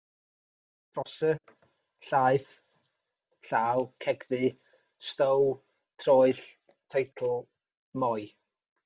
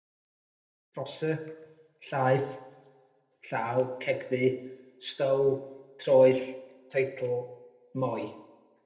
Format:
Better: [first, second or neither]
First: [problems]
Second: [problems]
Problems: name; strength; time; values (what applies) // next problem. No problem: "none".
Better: first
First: none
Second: room echo; dies away in 0.7 s